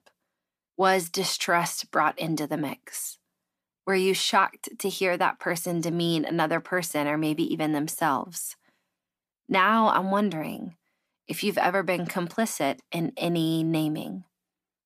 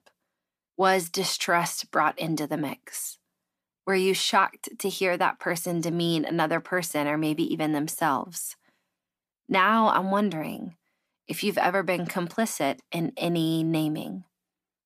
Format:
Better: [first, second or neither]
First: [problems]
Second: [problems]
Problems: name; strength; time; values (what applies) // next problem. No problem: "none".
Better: neither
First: none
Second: none